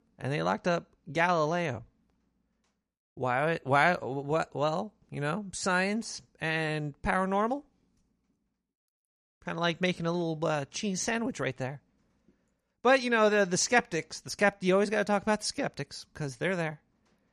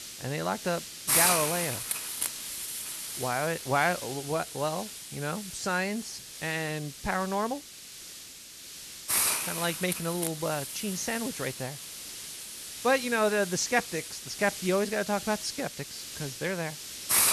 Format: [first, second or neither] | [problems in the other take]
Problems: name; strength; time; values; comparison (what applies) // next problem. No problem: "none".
first | hiss; loud; throughout; 2 dB below the speech